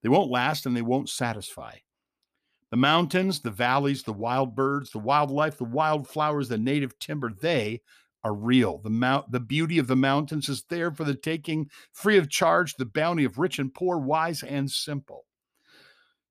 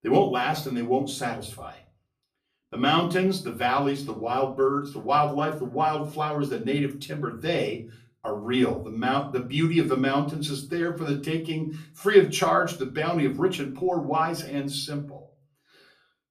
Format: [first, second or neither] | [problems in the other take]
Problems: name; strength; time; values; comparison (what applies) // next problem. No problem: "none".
first | off-mic speech; far // room echo; very slight; dies away in 0.3 s